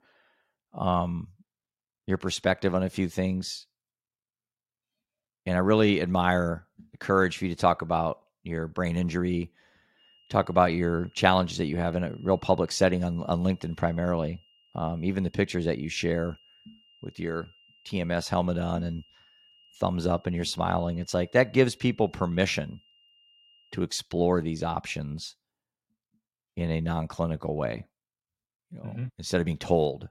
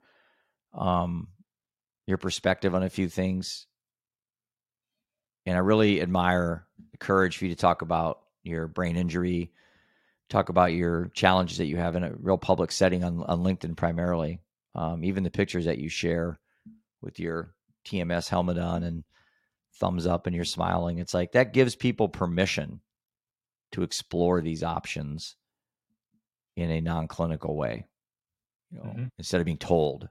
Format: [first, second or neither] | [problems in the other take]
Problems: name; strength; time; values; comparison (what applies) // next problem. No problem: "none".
second | high-pitched whine; faint; from 10 to 24 s; 3 kHz, 30 dB below the speech